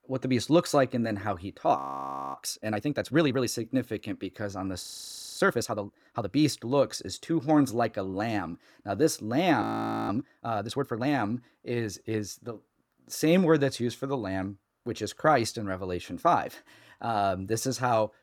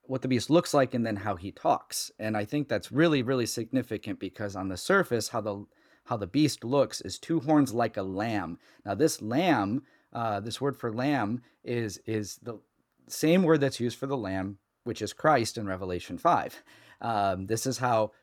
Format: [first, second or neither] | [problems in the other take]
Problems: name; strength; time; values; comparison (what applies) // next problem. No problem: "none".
second | audio freezing; at 2 s for 0.5 s, at 5 s for 0.5 s and at 9.5 s